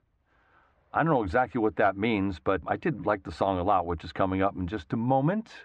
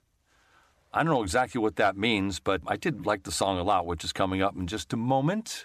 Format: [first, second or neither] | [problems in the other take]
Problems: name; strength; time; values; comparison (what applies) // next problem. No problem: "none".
second | muffled; very; fading above 2 kHz